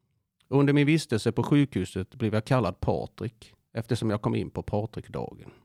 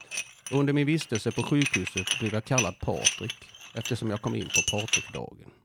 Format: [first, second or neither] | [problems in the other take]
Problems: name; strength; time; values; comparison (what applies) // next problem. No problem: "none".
first | clattering dishes; loud; until 5 s; peak 5 dB above the speech